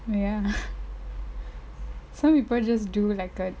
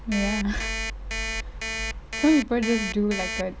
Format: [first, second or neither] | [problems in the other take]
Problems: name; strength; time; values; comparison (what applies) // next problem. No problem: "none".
first | background sound (Alarm); 6 dB below the speech